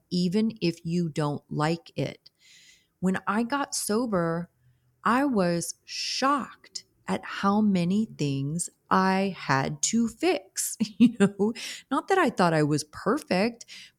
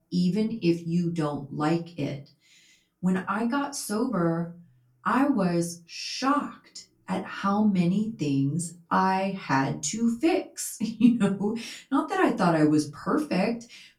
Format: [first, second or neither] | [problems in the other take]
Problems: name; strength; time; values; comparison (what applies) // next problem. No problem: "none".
first | off-mic speech; far // room echo; very slight; dies away in 0.2 s